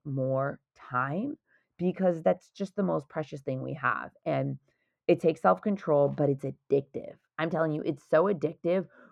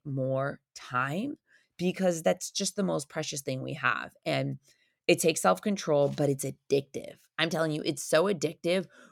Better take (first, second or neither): second